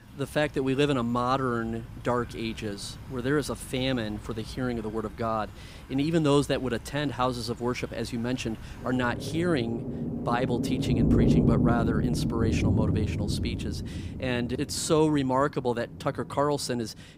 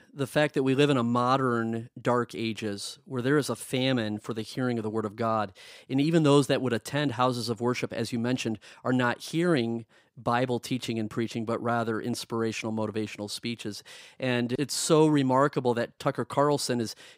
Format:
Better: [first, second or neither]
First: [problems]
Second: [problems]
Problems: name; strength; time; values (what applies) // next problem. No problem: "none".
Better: second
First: rain or running water; very loud; throughout; 1 dB above the speech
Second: none